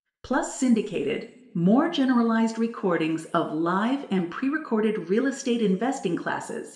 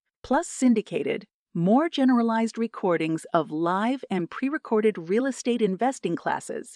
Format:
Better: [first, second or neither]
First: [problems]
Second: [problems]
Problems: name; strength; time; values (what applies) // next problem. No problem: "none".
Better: second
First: room echo; slight; dies away in 0.9 s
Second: none